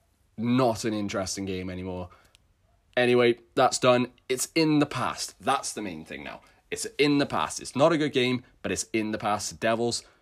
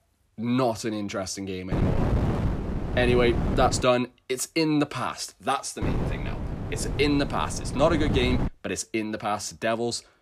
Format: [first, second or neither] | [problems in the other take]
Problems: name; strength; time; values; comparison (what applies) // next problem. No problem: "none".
first | wind noise on the microphone; heavy; from 1.5 to 4 s and from 6 to 8.5 s; 8 dB below the speech